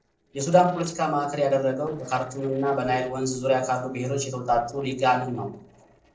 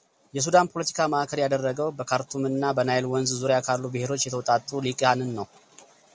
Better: second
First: noise reduction (neural separator model SepFormer DNS4)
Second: none

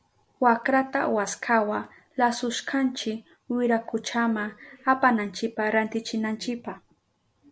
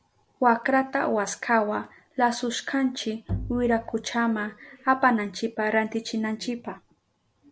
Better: first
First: none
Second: background sound (Bowed string instrument); 10 dB below the speech

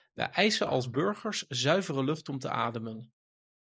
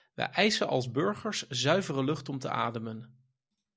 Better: second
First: noise reduction (neural mask model Resemble Enhance denoiser)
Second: none

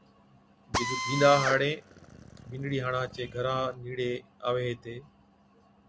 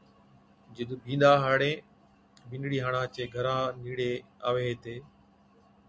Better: second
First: background sound (Drill); 5 dB below the speech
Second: none

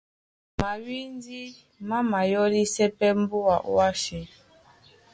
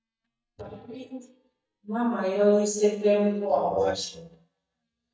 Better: first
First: none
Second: noise reduction (neural mask model DeepFilterNet 3)

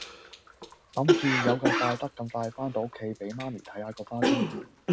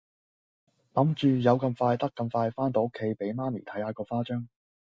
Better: second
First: background sound (Cough); 2 dB above the speech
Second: none

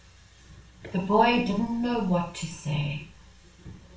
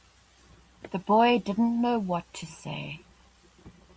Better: second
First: room echo; dies away in 0.3 s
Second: none

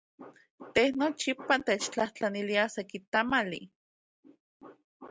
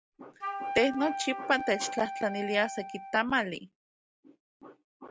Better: first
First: none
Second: background sound (Wind instrument, woodwind instrument); 7 dB below the speech

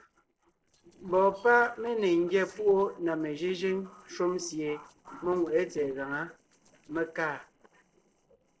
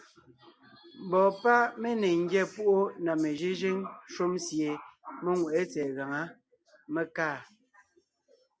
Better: second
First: noise reduction (neural separator model SepFormer DNS4)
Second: none

